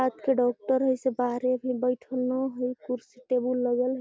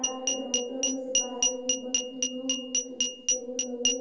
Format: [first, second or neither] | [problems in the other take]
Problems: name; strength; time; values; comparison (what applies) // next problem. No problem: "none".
first | background sound (Glass); 5 dB above the speech // room echo; dies away in 1.2 s